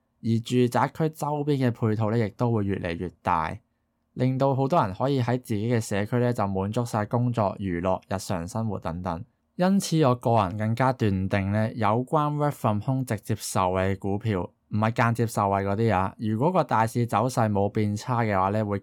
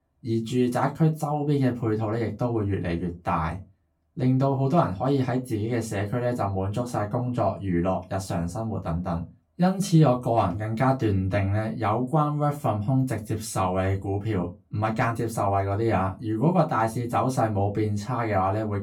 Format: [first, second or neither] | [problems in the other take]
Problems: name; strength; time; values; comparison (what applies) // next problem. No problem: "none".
first | off-mic speech; far // room echo; very slight; dies away in 0.2 s